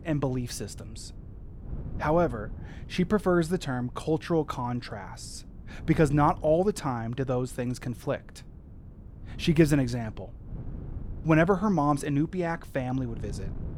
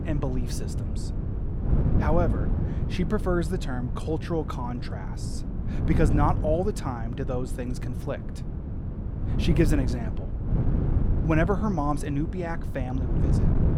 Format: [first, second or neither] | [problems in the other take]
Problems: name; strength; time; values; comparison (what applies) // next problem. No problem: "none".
first | wind noise on the microphone; heavy; 8 dB below the speech; occasional gusts in the first